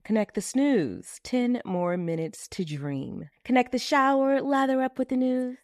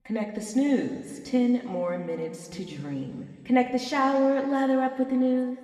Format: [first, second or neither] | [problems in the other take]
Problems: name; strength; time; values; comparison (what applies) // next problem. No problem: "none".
first | room echo; slight; dies away in 2.1 s // off-mic speech; somewhat distant